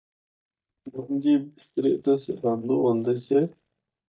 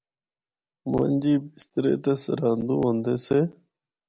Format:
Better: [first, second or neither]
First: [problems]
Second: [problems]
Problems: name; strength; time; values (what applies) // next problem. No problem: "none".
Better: second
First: noise reduction (neural mask model DeepFilterNet 3)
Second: none